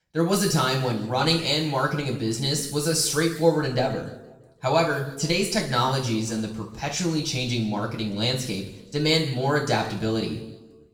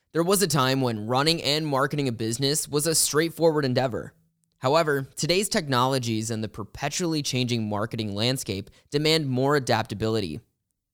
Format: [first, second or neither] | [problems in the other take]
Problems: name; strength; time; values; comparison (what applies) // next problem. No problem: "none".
second | room echo; noticeable; dies away in 0.9 s // off-mic speech; far